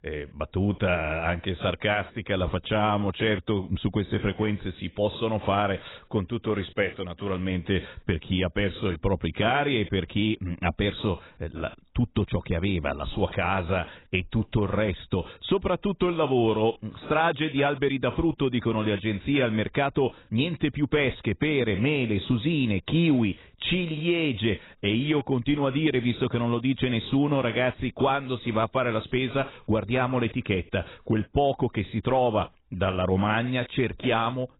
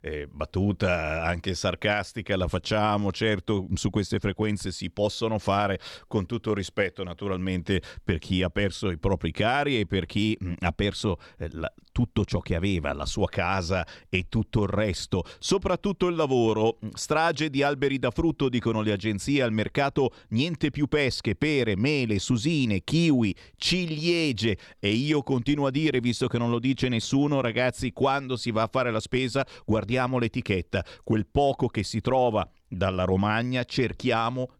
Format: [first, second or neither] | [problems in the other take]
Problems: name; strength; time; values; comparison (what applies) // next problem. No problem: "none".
second | garbled, watery; badly; nothing above 4 kHz